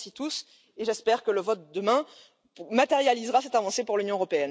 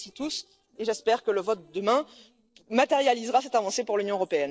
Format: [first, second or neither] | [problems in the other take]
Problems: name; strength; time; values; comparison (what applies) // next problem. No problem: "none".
first | noise reduction (neural separator model SepFormer DNS4)